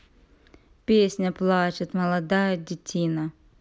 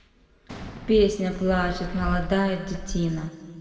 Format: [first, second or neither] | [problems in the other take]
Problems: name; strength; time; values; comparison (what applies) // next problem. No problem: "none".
first | background sound (Fireworks); 8 dB below the speech // room echo; dies away in 2.1 s